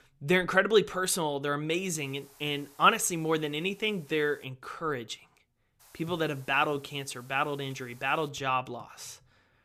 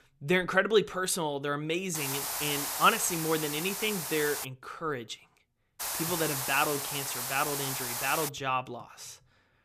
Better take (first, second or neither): first